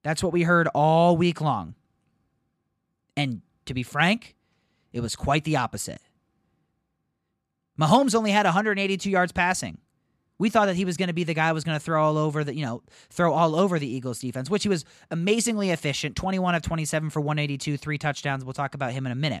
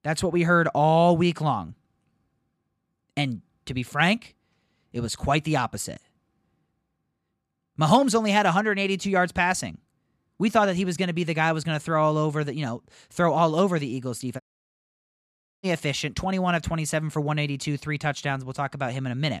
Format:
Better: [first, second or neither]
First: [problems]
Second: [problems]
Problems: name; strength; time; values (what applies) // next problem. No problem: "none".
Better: first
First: none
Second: audio cutting out; at 14 s for 1 s